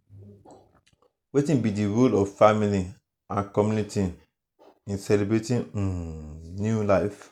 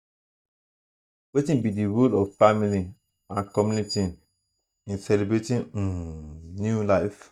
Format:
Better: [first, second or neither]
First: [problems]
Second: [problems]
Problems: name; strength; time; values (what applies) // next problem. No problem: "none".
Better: first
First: none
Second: noise reduction (neural mask model DeepFilterNet 3)